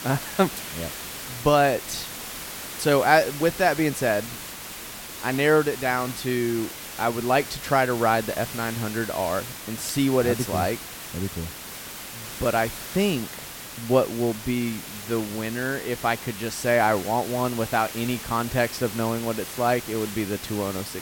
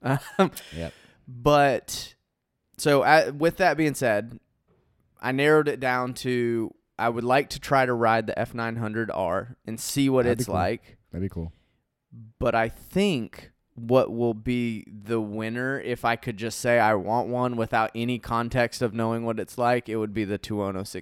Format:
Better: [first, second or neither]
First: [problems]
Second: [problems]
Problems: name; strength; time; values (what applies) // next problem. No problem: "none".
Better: second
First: hiss; loud; throughout; 10 dB below the speech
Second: none